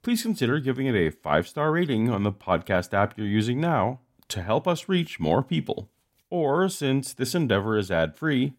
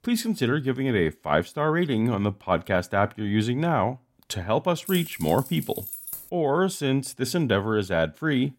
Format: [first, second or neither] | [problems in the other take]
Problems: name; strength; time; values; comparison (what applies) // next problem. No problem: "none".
first | jangling keys; noticeable; from 5 to 6.5 s; peak 8 dB below the speech